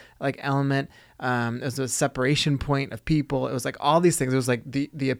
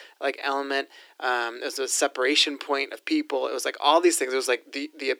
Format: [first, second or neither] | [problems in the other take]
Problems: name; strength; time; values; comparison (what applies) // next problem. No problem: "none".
first | thin; somewhat; fading below 300 Hz